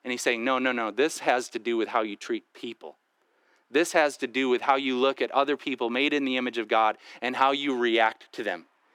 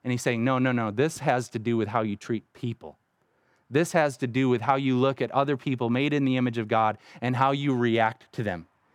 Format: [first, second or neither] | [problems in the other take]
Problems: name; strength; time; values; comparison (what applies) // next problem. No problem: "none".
second | thin; very slightly; fading below 300 Hz